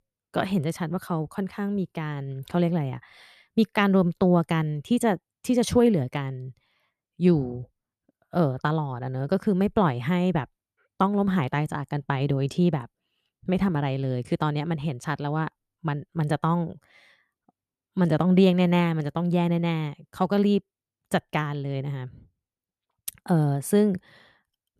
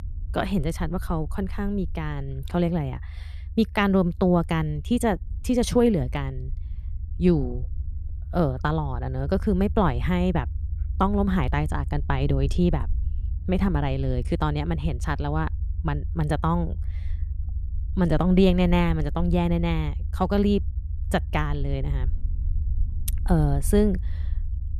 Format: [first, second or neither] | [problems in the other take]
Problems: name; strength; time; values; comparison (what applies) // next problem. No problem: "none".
first | low rumble; faint; throughout; 25 dB below the speech